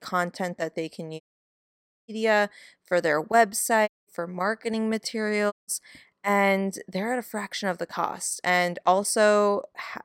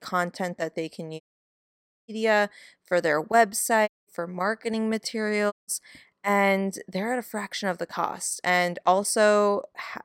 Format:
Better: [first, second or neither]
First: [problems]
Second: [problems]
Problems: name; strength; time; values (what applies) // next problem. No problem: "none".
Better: neither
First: audio cutting out; at 1 s for 1 s, at 4 s and at 5.5 s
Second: audio cutting out; at 1 s for 1 s, at 4 s and at 5.5 s